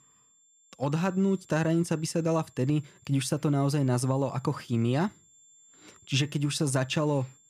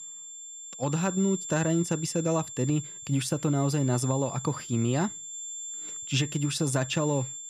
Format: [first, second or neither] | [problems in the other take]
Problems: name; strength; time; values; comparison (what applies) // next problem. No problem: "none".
first | high-pitched whine; loud; throughout; 7.5 kHz, 9 dB below the speech; faint in the first